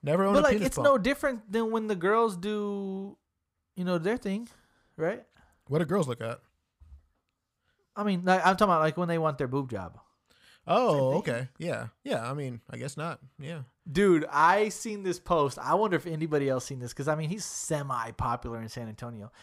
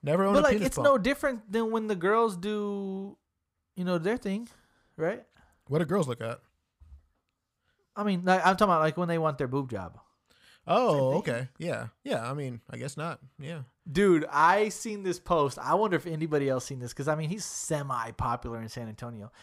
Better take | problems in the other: neither | none

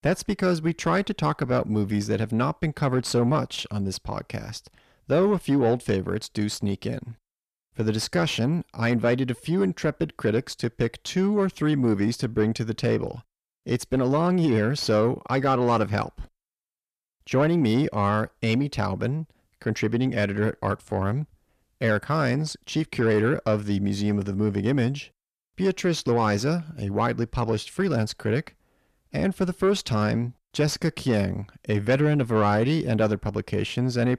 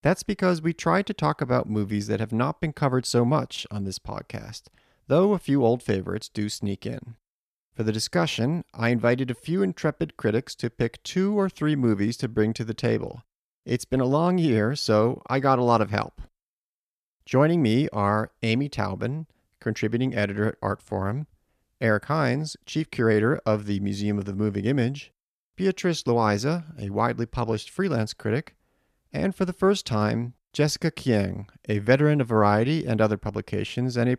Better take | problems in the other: second | distortion; slight; 10 dB below the speech

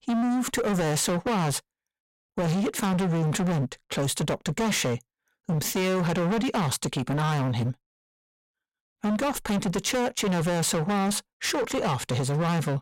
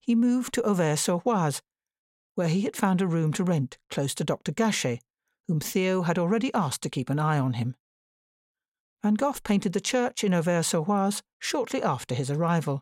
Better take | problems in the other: second | distortion; heavy; 31% of the sound clipped

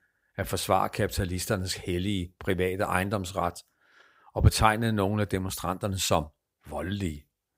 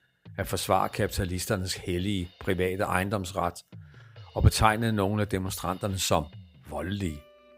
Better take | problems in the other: first | background music; faint; throughout; 25 dB below the speech

